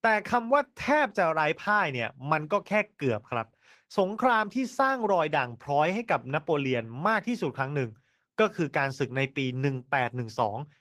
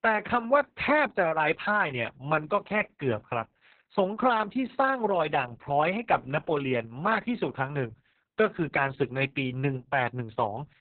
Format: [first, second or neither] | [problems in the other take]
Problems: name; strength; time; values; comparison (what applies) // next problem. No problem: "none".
first | garbled, watery; badly; nothing above 4 kHz; slightly in the first